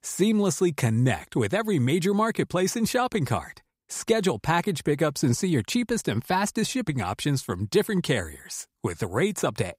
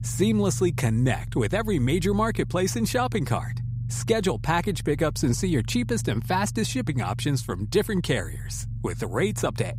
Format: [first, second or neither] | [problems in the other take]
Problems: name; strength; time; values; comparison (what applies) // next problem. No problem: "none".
first | low rumble; noticeable; throughout; 20 dB below the speech